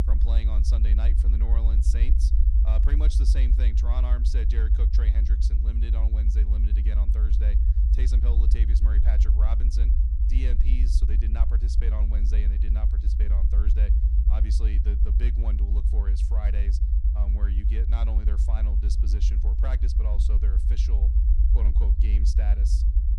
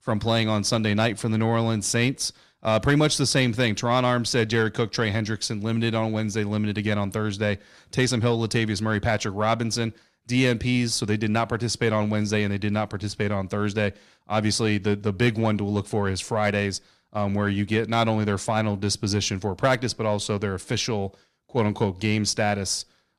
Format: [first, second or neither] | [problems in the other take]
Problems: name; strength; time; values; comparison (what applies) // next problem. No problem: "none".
second | low rumble; loud; throughout; 1 dB below the speech